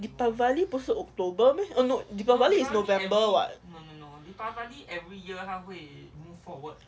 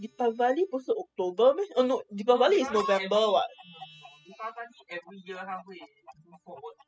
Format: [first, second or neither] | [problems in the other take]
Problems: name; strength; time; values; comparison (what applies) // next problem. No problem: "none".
first | noise reduction (classical method spectral subtraction)